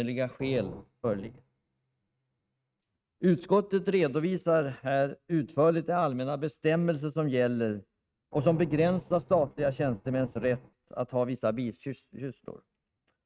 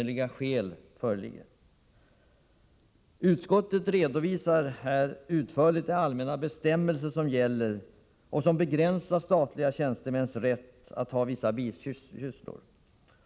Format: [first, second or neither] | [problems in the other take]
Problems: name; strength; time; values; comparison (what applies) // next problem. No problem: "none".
second | noise reduction (neural mask model RNNoise)